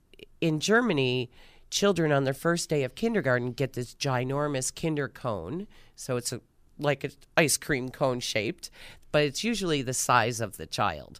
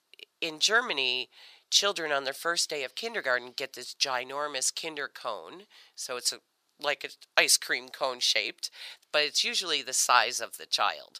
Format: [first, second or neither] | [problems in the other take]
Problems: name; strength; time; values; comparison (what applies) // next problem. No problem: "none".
first | thin; very; fading below 700 Hz